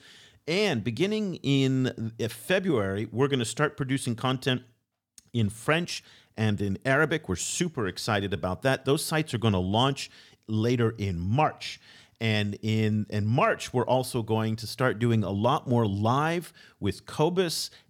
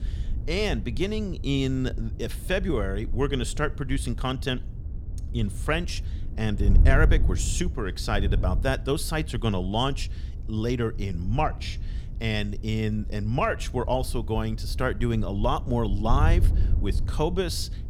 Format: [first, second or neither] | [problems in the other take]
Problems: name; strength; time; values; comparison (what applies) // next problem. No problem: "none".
first | wind noise on the microphone; occasional gusts; 15 dB below the speech